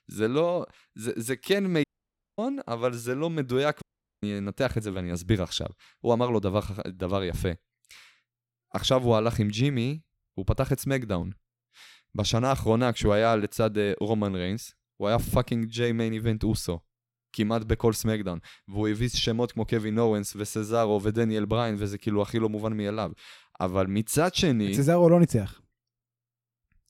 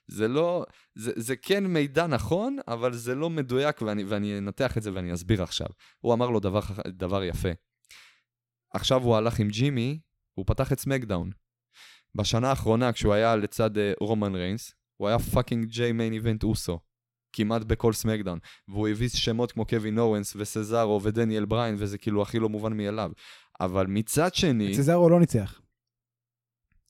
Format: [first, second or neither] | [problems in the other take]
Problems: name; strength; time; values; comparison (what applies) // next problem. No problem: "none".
second | audio cutting out; at 2 s for 0.5 s and at 4 s